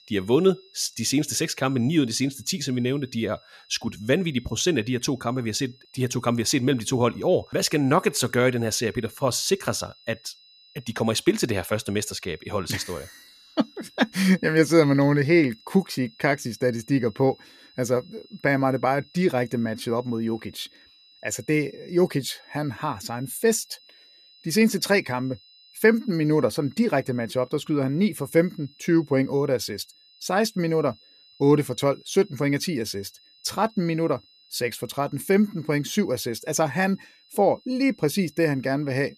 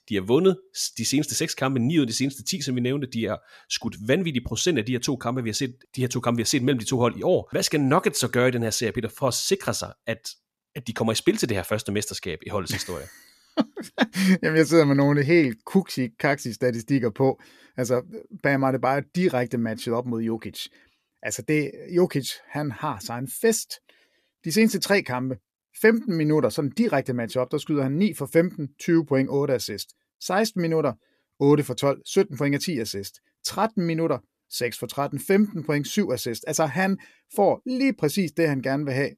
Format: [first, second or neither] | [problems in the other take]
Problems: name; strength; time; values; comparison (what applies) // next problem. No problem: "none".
second | high-pitched whine; faint; throughout; 4 kHz, 30 dB below the speech